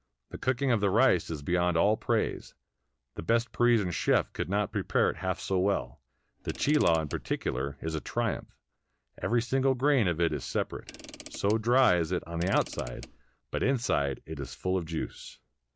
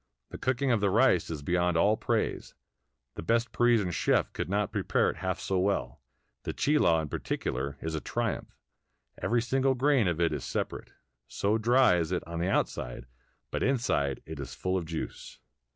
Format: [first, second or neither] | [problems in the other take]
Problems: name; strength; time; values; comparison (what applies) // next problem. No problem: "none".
second | background sound (Mechanisms / Car); 18 dB below the speech